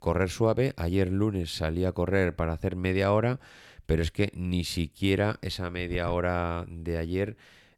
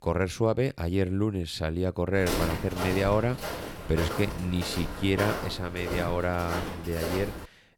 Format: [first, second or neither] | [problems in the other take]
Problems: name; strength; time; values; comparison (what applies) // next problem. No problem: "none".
first | footsteps; noticeable; from 2 s on; peak 1 dB below the speech